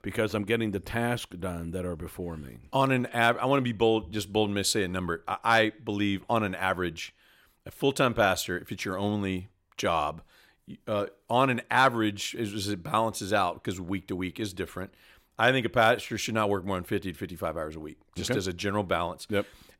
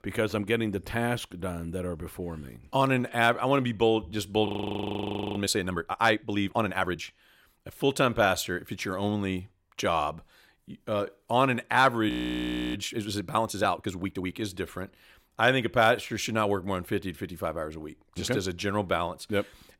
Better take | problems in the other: first | audio freezing; at 4.5 s for 1 s and at 12 s for 0.5 s

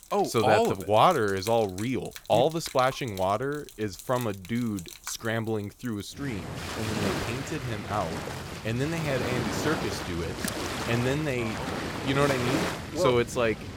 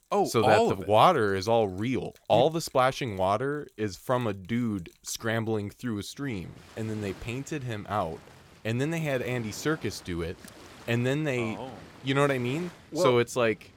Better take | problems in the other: second | rain or running water; loud; throughout; 7 dB below the speech; faint in the second

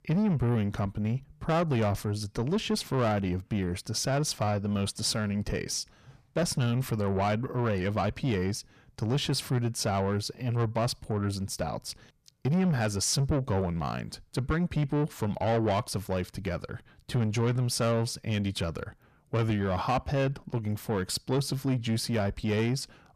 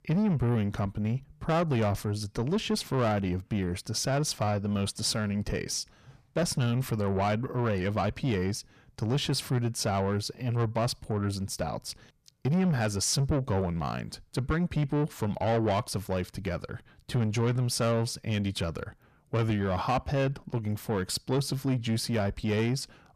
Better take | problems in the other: neither | distortion; slight; 10 dB below the speech; the same in both

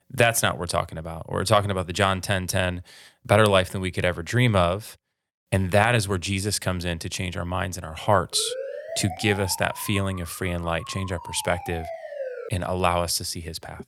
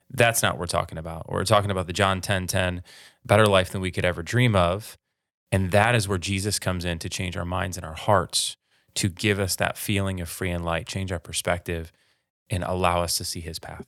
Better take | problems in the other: second | siren; noticeable; from 8.5 to 12 s; peak 9 dB below the speech

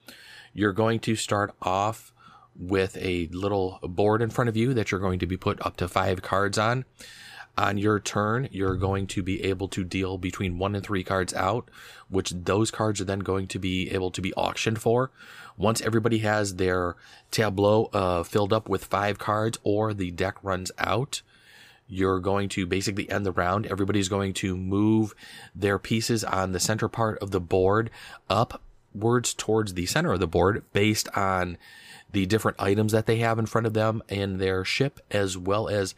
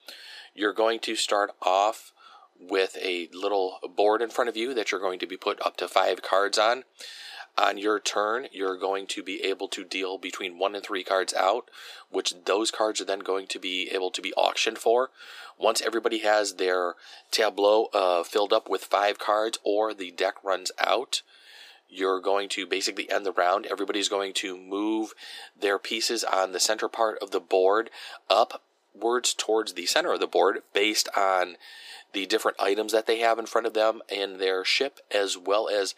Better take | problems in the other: first | thin; very; fading below 300 Hz

